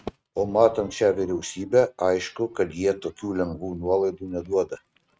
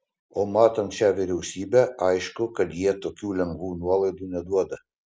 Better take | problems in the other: second | noise reduction (neural mask model RNNoise)

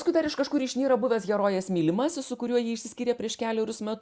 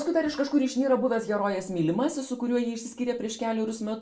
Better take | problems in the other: first | room echo; dies away in 0.3 s

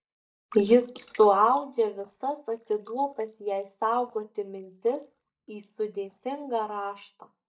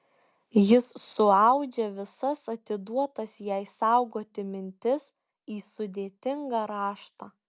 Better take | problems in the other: second | noise reduction (neural mask model DeepFilterNet 3)

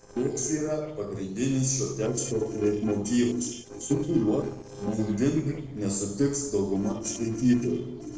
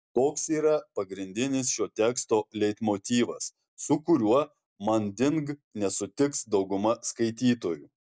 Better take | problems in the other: second | noise reduction (neural separator model SepFormer DNS4)

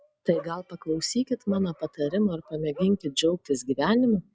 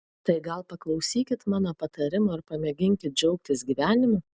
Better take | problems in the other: second | noise reduction (classical method log-MMSE)

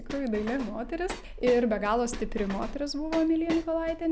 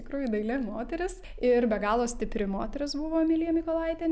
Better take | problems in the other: second | background sound (Train); 14 dB below the speech

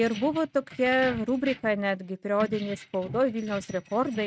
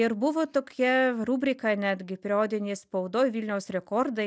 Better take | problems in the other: second | noise reduction (neural mask model RNNoise)

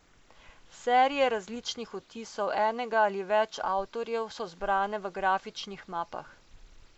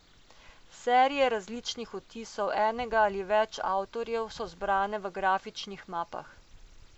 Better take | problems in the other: second | noise reduction (neural mask model Resemble Enhance denoiser)

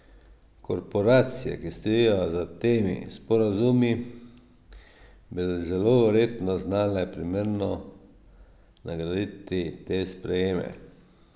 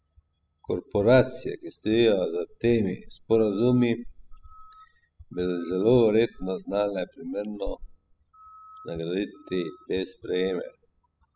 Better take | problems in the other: first | noise reduction (classical method spectral subtraction)

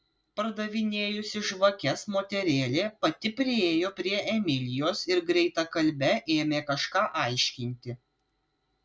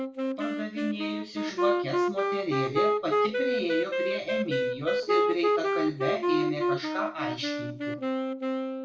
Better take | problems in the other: first | background sound (Wind instrument, woodwind instrument); 4 dB above the speech // room echo; dies away in 0.4 s

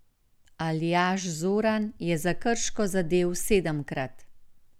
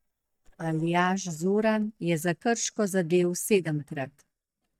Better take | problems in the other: first | noise reduction (neural mask model DeepFilterNet 3)

